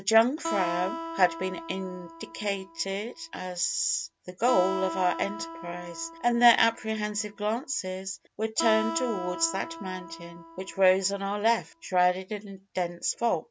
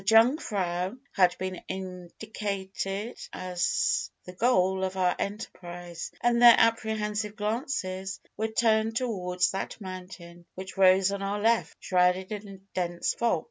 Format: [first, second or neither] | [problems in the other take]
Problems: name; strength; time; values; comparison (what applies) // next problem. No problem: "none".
second | background sound (Acoustic guitar); 10 dB below the speech